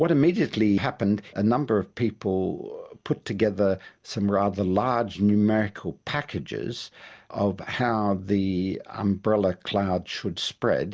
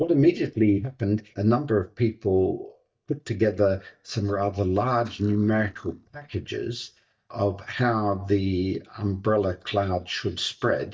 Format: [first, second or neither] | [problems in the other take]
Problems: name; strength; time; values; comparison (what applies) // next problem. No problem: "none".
first | noise reduction (neural mask model DeepFilterNet 3)